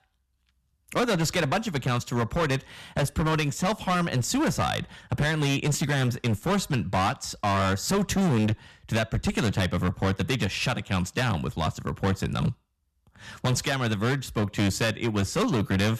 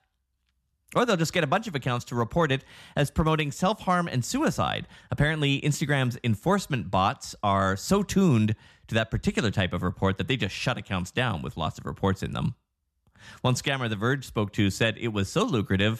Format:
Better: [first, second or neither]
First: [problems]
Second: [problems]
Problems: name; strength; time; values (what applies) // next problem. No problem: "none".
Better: second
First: distortion; heavy; 15% of the sound clipped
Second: none